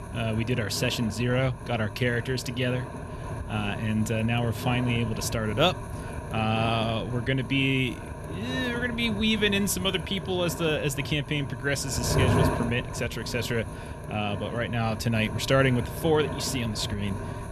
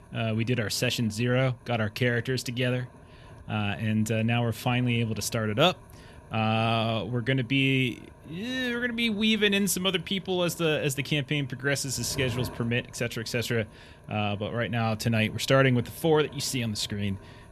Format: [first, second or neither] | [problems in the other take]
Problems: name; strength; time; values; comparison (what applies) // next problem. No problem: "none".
second | wind noise on the microphone; heavy; 9 dB below the speech; occasional gusts in the second